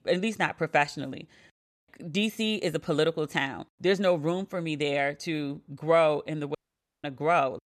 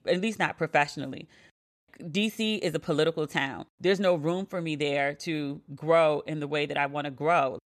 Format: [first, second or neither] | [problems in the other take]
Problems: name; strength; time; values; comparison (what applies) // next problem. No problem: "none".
second | audio cutting out; at 6.5 s